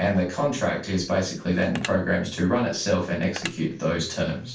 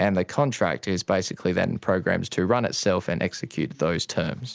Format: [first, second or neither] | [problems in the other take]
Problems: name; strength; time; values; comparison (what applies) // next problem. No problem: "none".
second | background sound (Telephone); 16 dB below the speech // room echo; dies away in 0.3 s